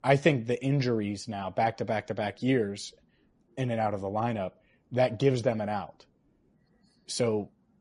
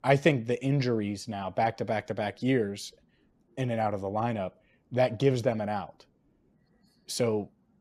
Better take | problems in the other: second | garbled, watery; slightly; nothing above 10.5 kHz

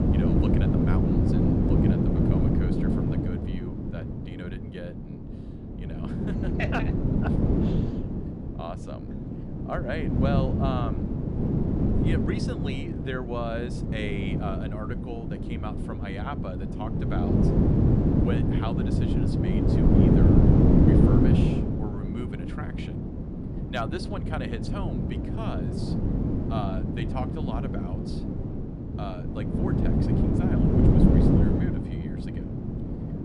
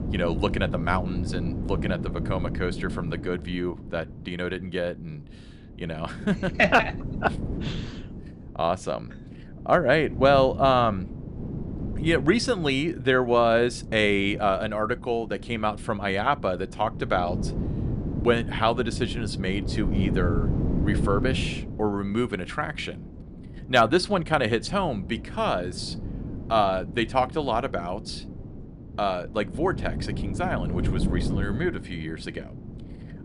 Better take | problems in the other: second | wind noise on the microphone; heavy; 5 dB above the speech; occasional gusts in the second

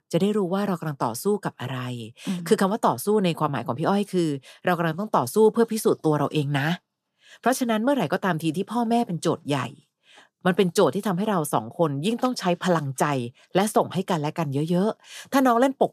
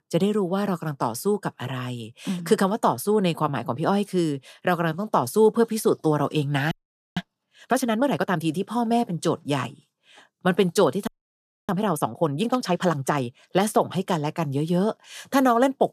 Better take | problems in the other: first | audio freezing; at 6.5 s and at 11 s for 0.5 s

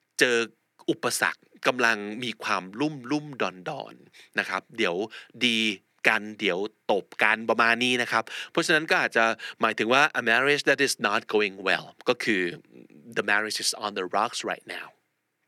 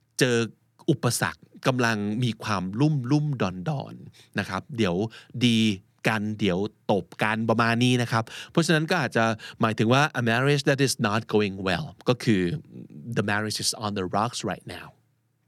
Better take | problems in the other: second | thin; somewhat; fading below 350 Hz

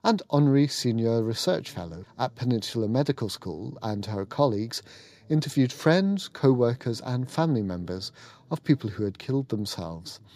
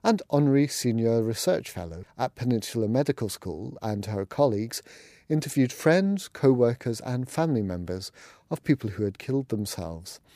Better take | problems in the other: second | room echo; slight; dies away in 3 s

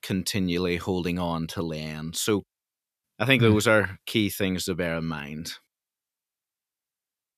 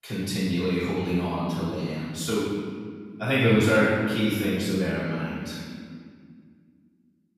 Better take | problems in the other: first | off-mic speech; far // room echo; strong; dies away in 1.9 s

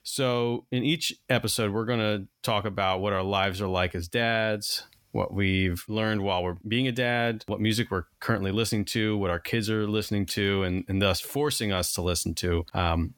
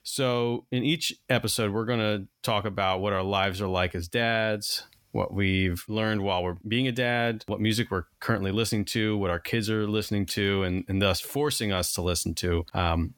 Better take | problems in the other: neither | none

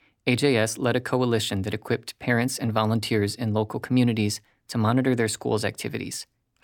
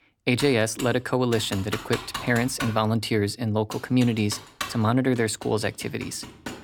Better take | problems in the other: first | keyboard typing; noticeable; peak 7 dB below the speech

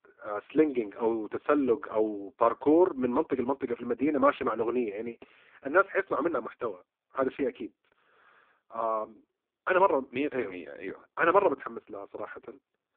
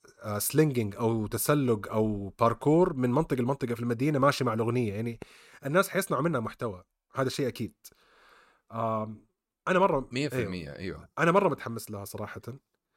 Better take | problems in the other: second | phone-call audio; poor line

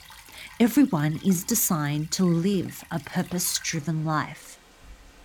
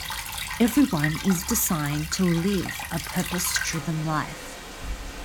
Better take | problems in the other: first | rain or running water; loud; throughout; 7 dB below the speech; faint in the first

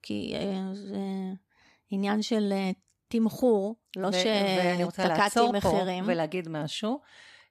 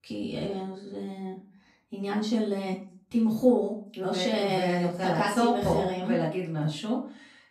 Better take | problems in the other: first | off-mic speech; far // room echo; slight; dies away in 0.3 s

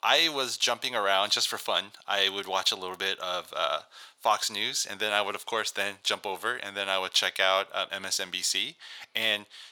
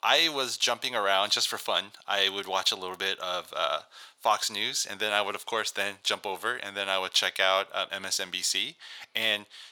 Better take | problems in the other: neither | thin; very; fading below 900 Hz; the same in both

